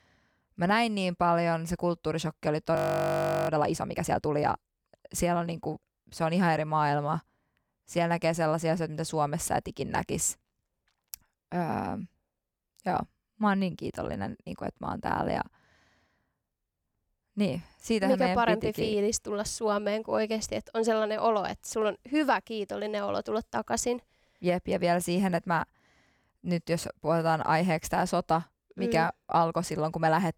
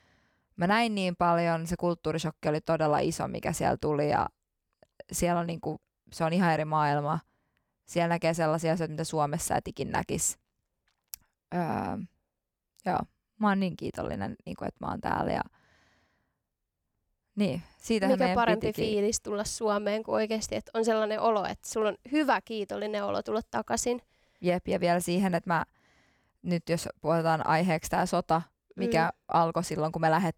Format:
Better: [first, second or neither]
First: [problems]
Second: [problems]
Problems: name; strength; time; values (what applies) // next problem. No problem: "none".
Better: second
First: audio freezing; at 3 s for 0.5 s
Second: none